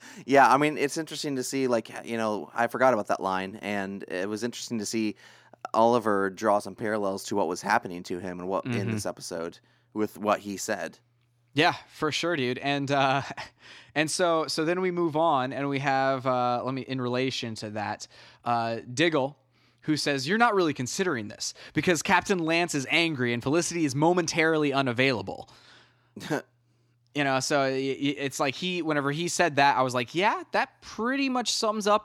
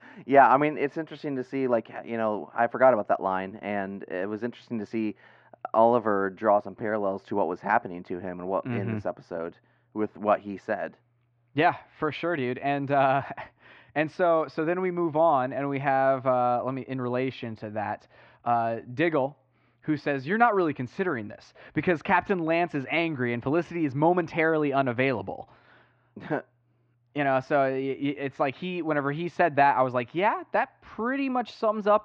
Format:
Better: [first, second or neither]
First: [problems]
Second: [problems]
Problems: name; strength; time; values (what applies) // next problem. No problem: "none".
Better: first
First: none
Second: muffled; very; fading above 2.5 kHz